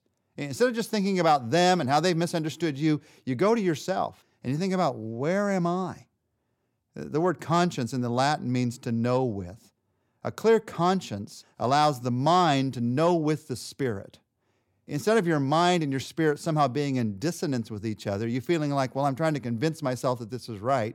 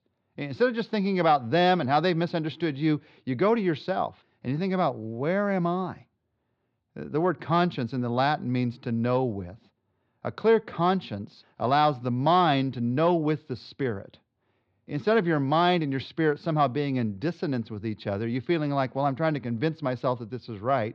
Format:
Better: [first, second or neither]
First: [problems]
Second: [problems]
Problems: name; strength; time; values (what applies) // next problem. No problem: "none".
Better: first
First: none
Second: muffled; slightly; fading above 4 kHz